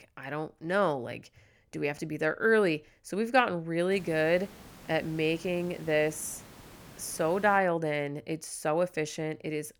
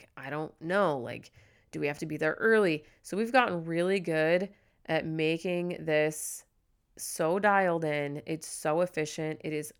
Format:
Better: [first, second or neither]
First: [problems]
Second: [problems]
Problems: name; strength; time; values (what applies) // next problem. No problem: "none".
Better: second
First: hiss; faint; from 4 to 7.5 s; 20 dB below the speech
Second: none